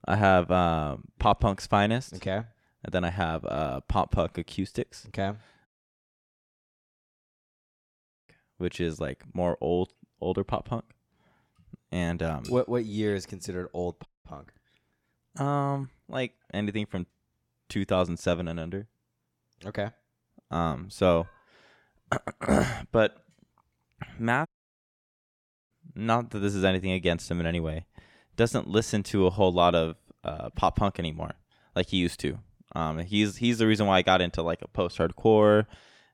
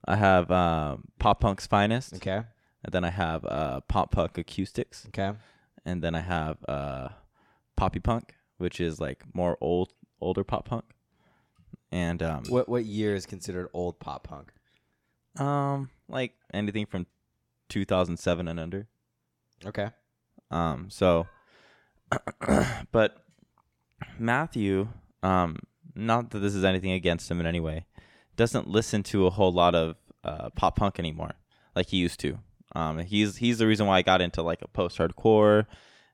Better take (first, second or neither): second